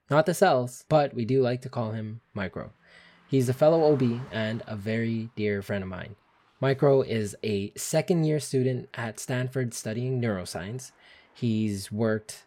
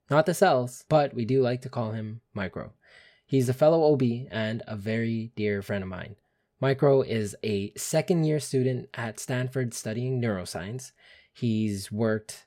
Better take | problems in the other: second | traffic noise; faint; throughout; 30 dB below the speech

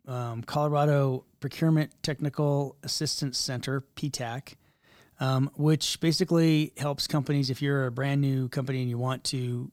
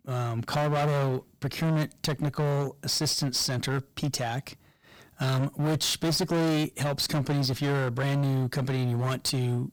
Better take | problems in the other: first | distortion; heavy; 22% of the sound clipped

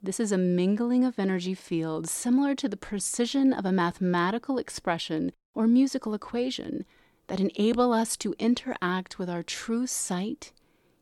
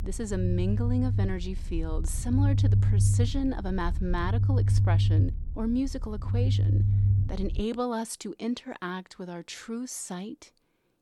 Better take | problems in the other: first | low rumble; loud; until 7.5 s; 5 dB below the speech

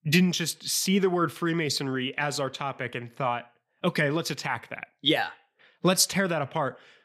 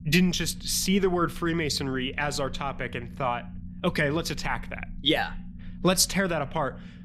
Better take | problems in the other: first | low rumble; faint; throughout; 25 dB below the speech

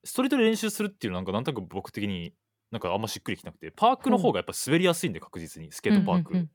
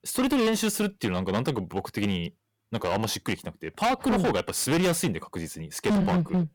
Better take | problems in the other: first | distortion; heavy; 16% of the sound clipped

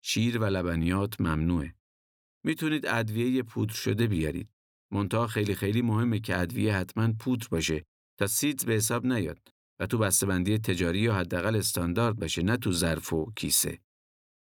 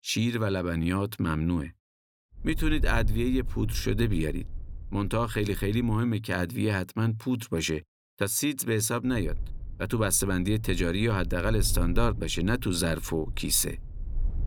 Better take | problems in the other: first | low rumble; faint; from 2.5 to 6 s and from 9 s on; 25 dB below the speech

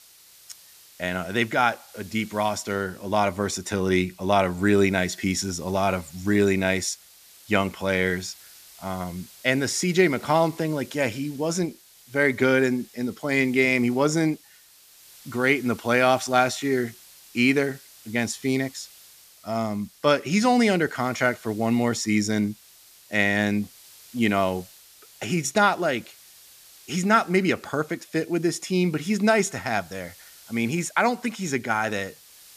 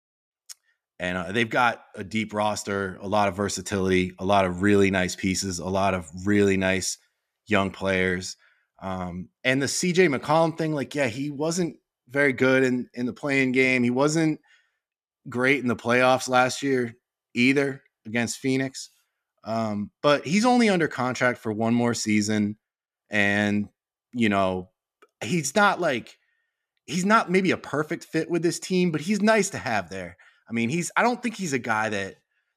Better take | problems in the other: second | hiss; faint; throughout; 25 dB below the speech

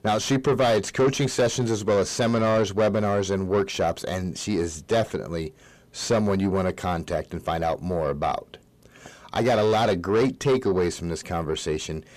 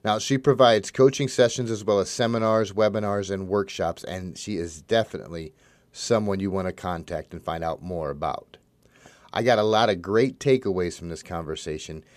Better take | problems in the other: second | distortion; heavy; 6 dB below the speech

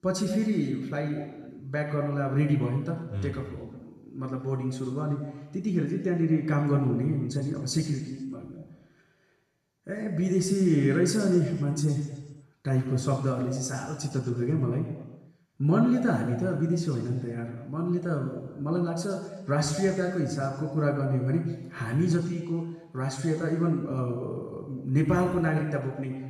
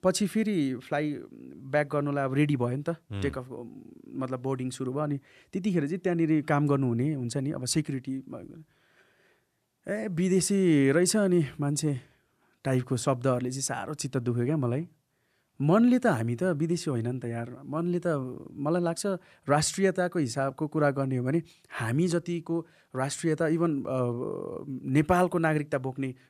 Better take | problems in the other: second | room echo; noticeable; dies away in 1.2 s // off-mic speech; far

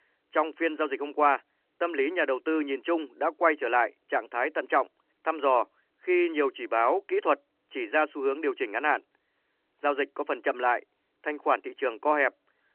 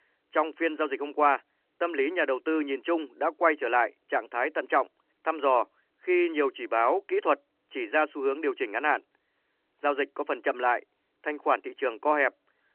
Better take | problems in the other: neither | phone-call audio; the same in both

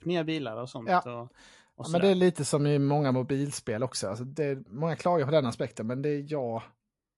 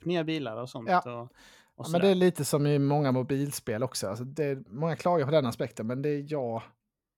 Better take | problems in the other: second | garbled, watery; slightly; nothing above 11 kHz

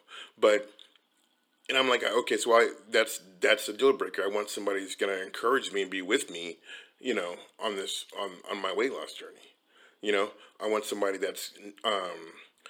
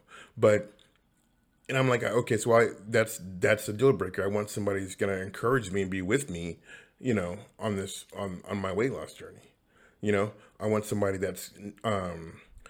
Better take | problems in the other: second | thin; somewhat; fading below 300 Hz

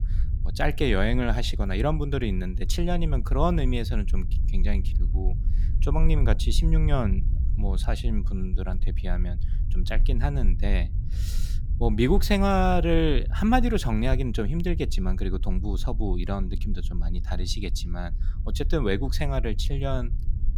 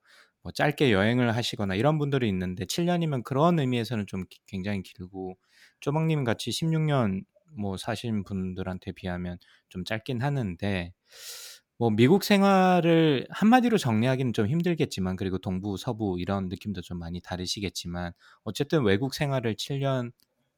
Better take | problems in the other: second | low rumble; noticeable; throughout; 20 dB below the speech

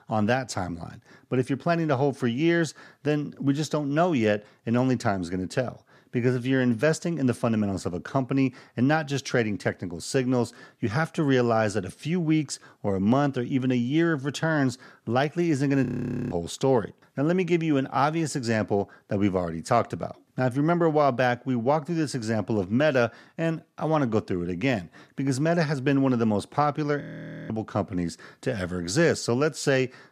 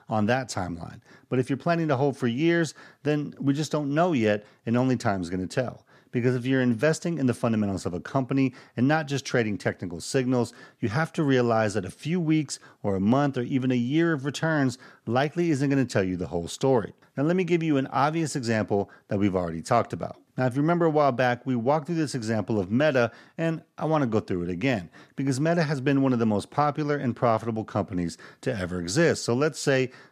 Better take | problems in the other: second | audio freezing; at 16 s and at 27 s

